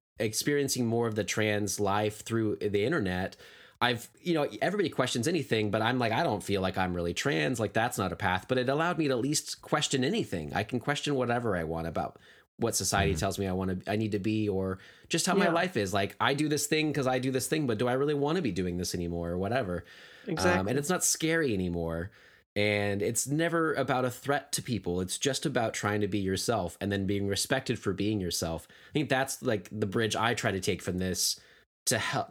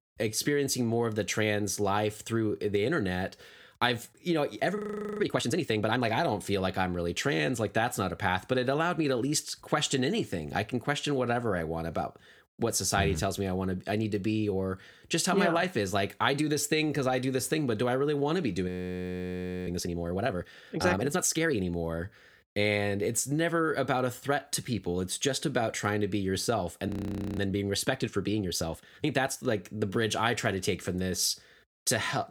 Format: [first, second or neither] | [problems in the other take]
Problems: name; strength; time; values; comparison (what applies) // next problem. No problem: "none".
first | audio freezing; at 5 s, at 19 s for 1 s and at 27 s